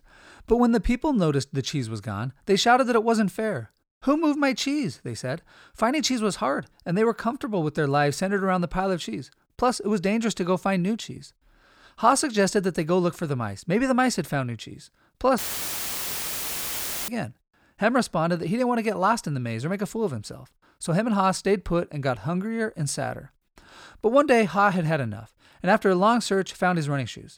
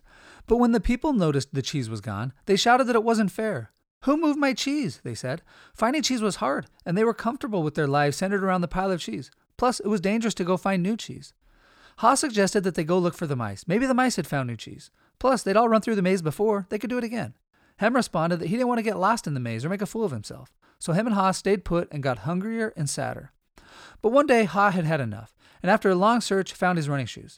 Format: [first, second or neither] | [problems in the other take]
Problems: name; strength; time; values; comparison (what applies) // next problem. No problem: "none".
second | audio cutting out; filled with static; at 15 s for 1.5 s